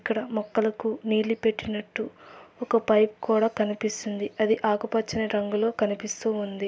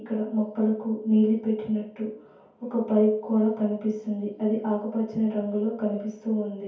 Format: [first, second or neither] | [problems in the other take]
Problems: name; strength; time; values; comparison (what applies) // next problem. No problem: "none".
first | room echo; dies away in 0.6 s